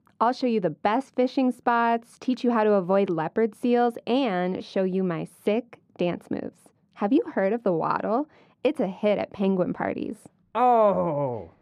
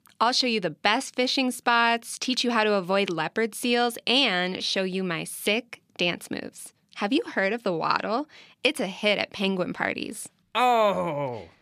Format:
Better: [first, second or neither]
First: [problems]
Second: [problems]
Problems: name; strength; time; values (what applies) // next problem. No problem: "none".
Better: second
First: muffled; very; fading above 2 kHz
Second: none